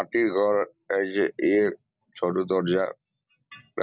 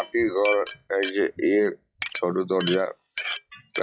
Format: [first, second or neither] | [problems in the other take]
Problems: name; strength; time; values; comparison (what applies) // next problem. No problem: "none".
first | noise reduction (classical method log-MMSE)